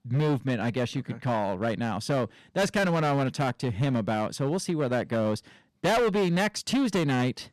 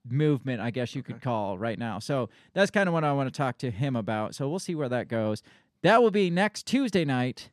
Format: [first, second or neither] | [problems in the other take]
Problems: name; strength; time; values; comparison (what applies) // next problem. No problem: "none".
second | distortion; heavy; 13% of the sound clipped